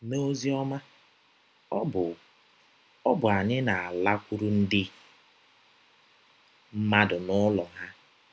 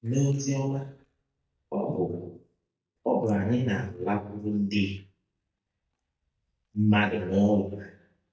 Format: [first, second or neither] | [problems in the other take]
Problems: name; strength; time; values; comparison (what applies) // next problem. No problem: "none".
first | noise reduction (neural mask model DeepFilterNet 3)